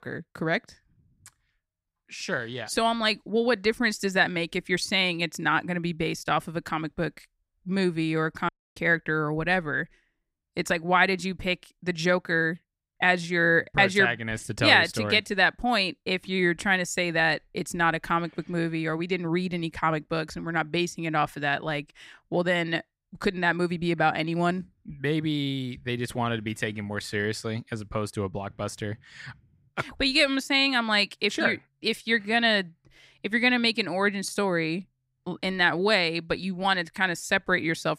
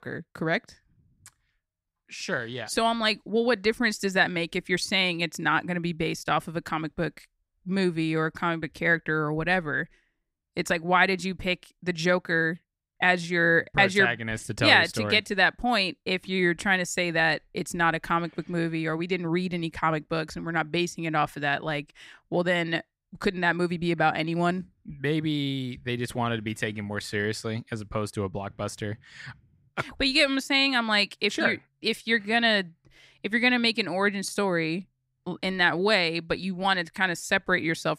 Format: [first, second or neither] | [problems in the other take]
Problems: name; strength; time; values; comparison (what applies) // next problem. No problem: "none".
second | audio cutting out; at 8.5 s